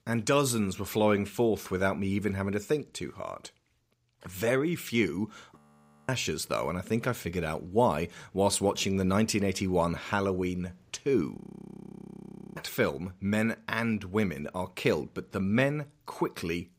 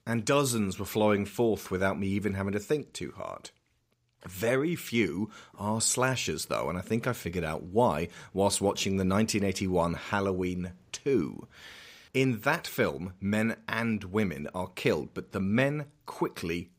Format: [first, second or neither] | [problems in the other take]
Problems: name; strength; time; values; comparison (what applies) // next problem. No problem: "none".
second | audio freezing; at 5.5 s for 0.5 s and at 11 s for 1 s